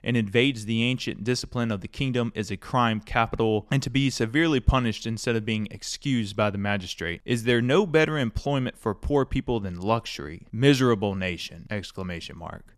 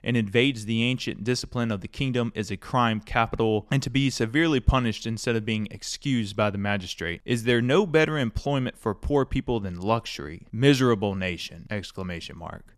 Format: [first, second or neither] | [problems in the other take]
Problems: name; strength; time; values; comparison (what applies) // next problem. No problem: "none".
neither | none